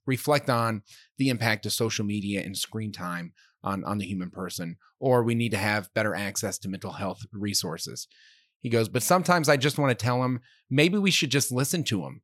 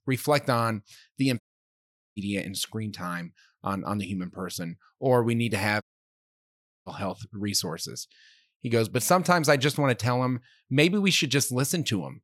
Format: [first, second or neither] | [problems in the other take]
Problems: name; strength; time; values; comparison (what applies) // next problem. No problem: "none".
first | audio cutting out; at 1.5 s for 1 s and at 6 s for 1 s